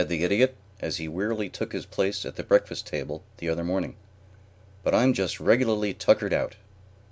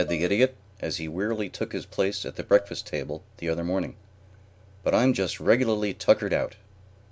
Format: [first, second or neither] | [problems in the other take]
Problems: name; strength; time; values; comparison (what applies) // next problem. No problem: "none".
first | background sound (Dishes, pots, and pans); 15 dB below the speech